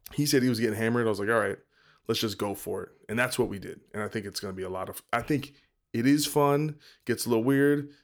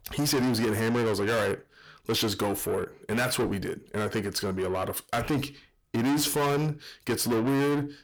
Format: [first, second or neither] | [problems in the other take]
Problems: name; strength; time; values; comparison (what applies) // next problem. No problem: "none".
first | distortion; heavy; 6 dB below the speech